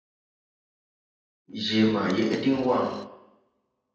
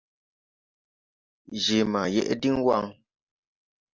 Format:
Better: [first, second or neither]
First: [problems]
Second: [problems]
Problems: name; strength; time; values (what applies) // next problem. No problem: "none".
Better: second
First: background sound (Coin (dropping)); 18 dB below the speech // room echo; dies away in 0.9 s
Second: none